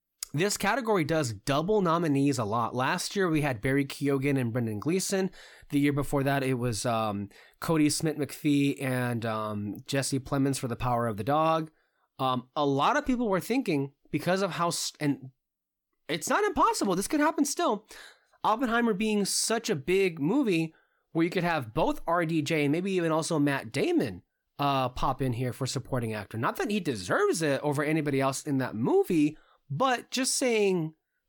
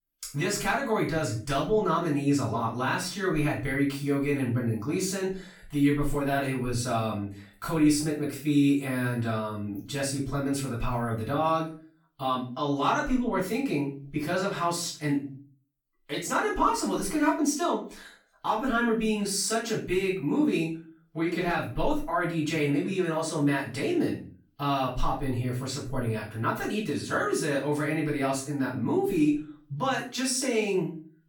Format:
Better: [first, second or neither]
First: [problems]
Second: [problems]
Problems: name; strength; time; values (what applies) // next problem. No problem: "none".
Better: first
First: none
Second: off-mic speech; far // room echo; slight; dies away in 0.4 s